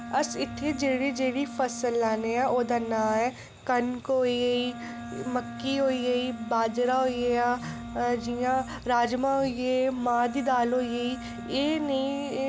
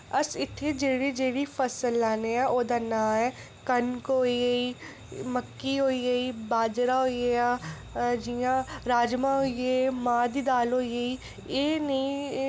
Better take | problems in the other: second | background sound (Wind instrument, woodwind instrument); 13 dB below the speech

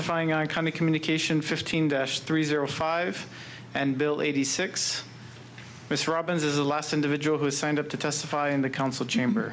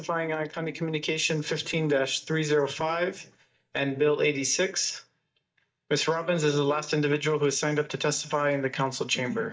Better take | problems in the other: first | noise reduction (neural mask model DeepFilterNet 3)

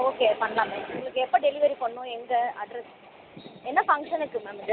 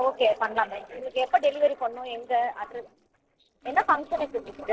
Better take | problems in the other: first | noise reduction (neural separator model SepFormer DNS4)

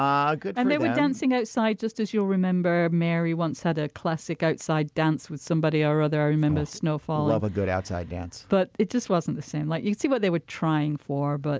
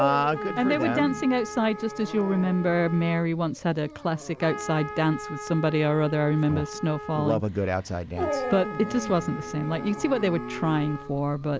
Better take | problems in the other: first | background sound (Dog + Trumpet); 10 dB below the speech

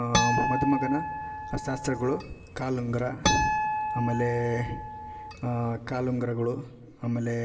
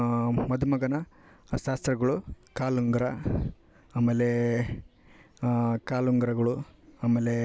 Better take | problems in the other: second | background sound (Harp); 1 dB below the speech // room echo; dies away in 1.8 s

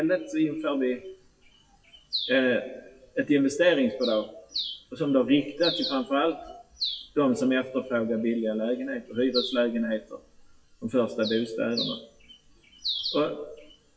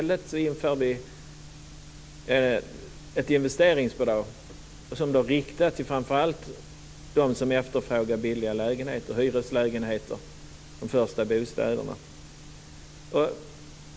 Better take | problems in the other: second | noise reduction (classical method WPE with log-MMSE)

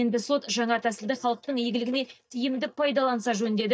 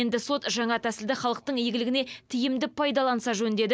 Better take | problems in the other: second | noise reduction (neural mask model DeepFilterNet 3)

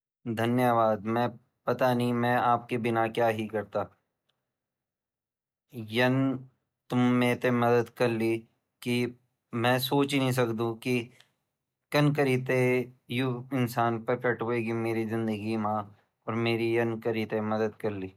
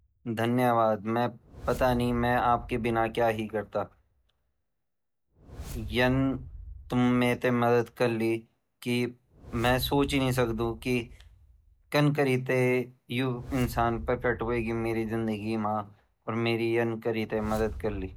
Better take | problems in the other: first | background sound (Whoosh, swoosh, swish); 16 dB below the speech

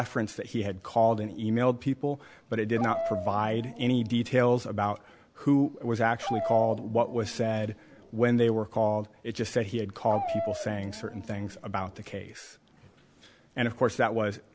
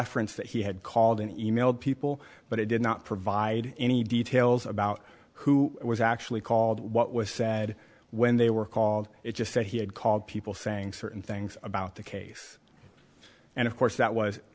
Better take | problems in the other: second | background sound (Dog); 9 dB below the speech

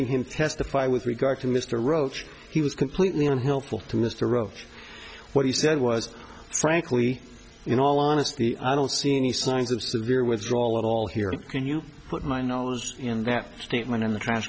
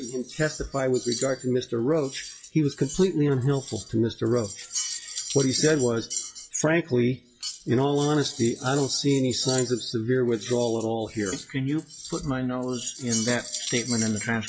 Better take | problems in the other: first | noise reduction (classical method WPE with log-MMSE)

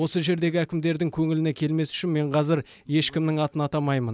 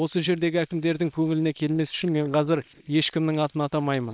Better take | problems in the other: first | noise reduction (neural separator model SepFormer WHAM!)

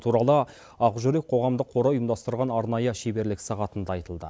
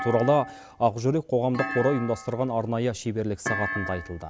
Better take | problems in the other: first | background sound (Thump, thud); 10 dB below the speech

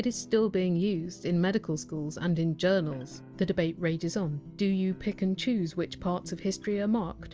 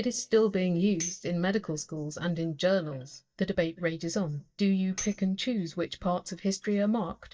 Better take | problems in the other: first | noise reduction (neural mask model DeepFilterNet 3)

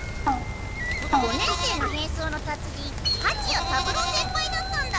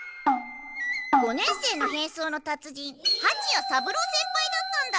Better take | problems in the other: second | background sound (Rain + Livestock, farm animals, working animals); 2 dB below the speech

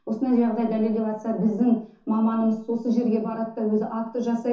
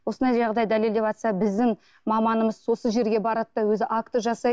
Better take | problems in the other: second | room echo; dies away in 0.9 s

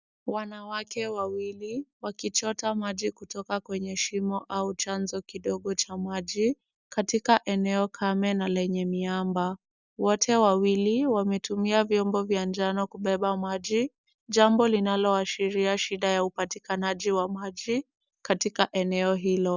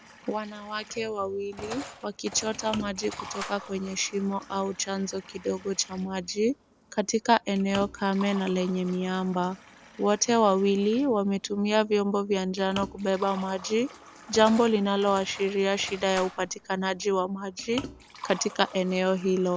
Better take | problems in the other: first | background sound (Engine + Liquid); 17 dB below the speech

